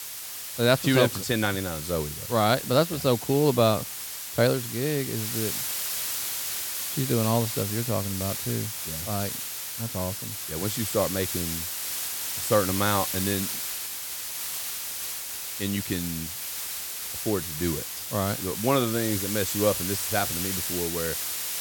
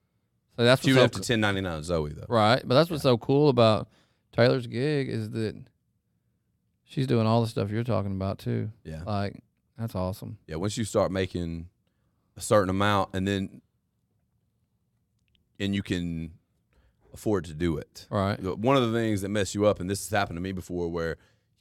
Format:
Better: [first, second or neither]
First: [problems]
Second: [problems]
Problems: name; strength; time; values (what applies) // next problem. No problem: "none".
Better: second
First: hiss; loud; throughout; 3 dB below the speech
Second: none